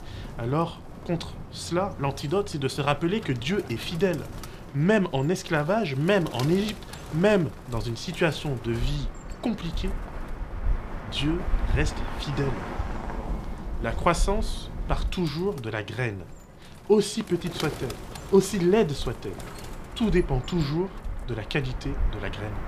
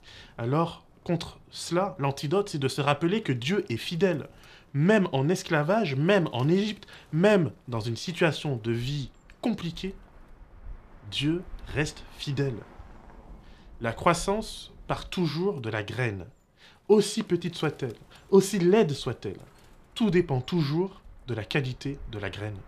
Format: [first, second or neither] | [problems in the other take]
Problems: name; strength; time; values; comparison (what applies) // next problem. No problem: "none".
second | animal sounds; loud; throughout; 10 dB below the speech; faint in the second